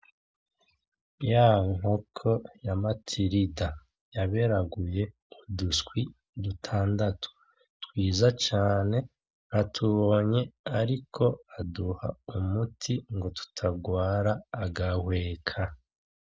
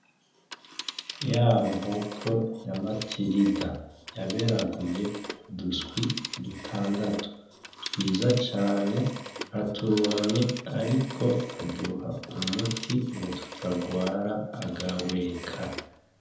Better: first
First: none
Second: background sound (Telephone); 11 dB below the speech // room echo; dies away in 0.8 s

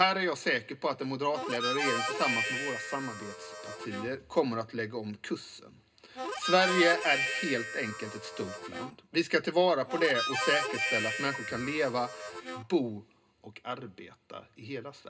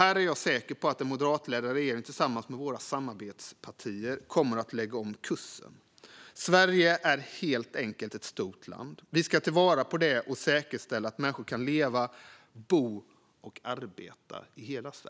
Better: second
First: background sound (Harmonica); 3 dB below the speech // room echo; dies away in 0.2 s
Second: none

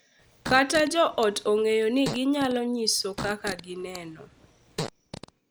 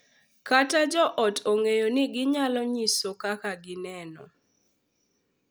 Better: second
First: background sound (Fart); 13 dB below the speech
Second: none

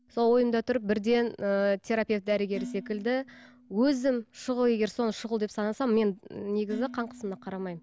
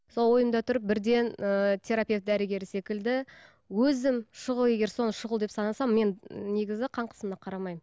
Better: second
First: background sound (Dishes, pots, and pans); 19 dB below the speech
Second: none

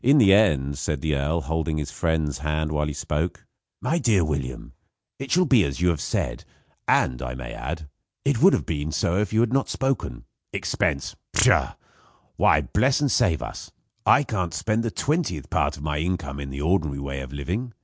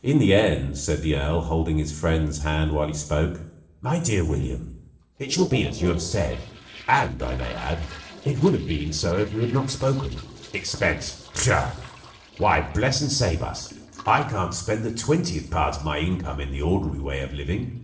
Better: first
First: none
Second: noise reduction (neural separator model SepFormer DNS4)

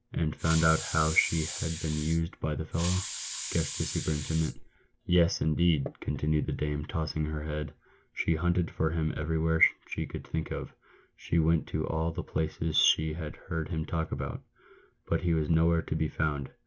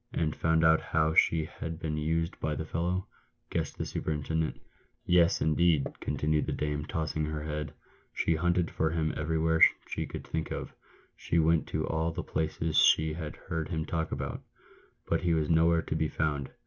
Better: second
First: background sound (Hiss); 9 dB below the speech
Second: none

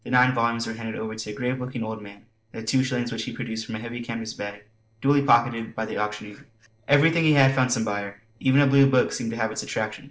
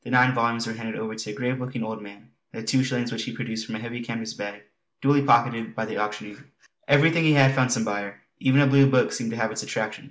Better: second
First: noise reduction (neural separator model SepFormer DNS4)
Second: none

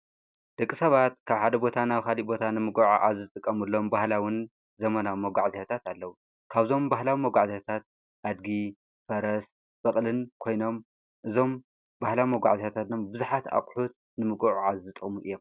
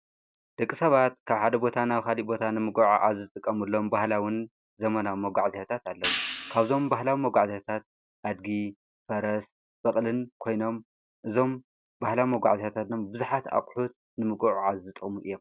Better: first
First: none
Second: background sound (Hi-hat); 8 dB below the speech

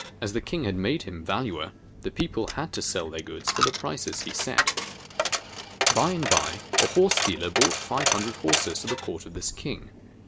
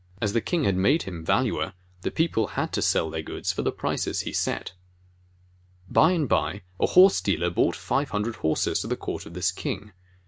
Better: second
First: background sound (Coin (dropping)); as loud as the speech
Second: none

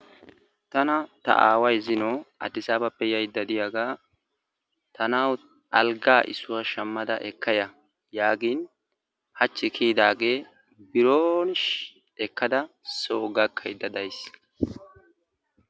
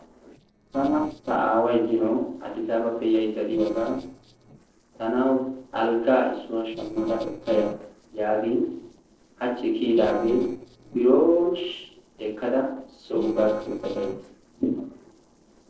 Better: first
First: none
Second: noise reduction (neural separator model SepFormer DNS4)

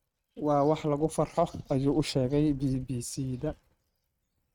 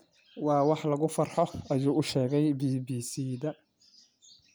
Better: second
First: noise reduction (neural mask model RNNoise)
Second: none

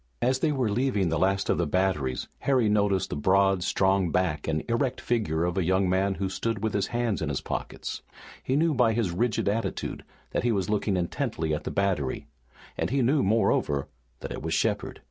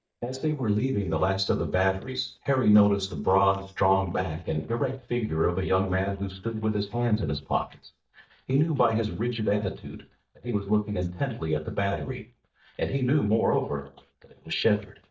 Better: first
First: none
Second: noise reduction (neural mask model DeepFilterNet 3)

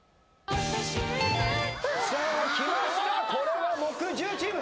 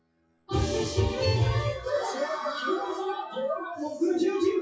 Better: first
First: none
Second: noise reduction (classical method WPE with log-MMSE)

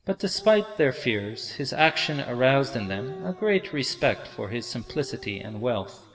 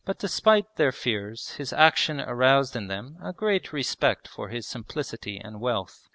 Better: second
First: background sound (Dog); 18 dB below the speech // room echo; dies away in 1.4 s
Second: none

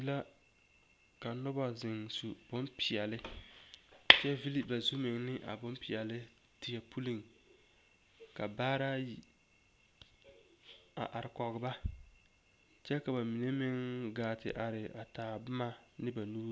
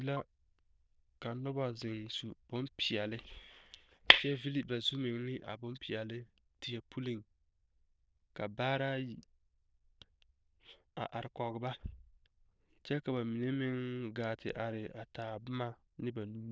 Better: first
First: none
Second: noise reduction (neural diffusion model UNIVERSE++)

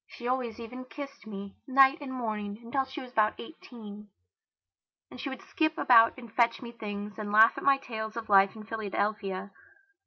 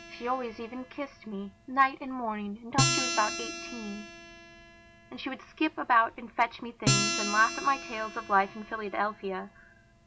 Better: first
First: none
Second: background sound (Acoustic guitar); 4 dB below the speech

